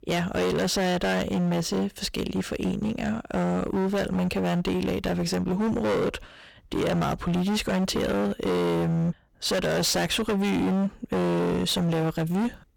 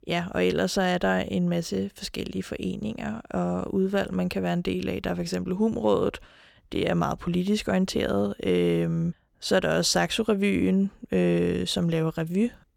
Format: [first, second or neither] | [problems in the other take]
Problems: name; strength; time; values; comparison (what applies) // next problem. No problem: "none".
second | distortion; heavy; 28% of the sound clipped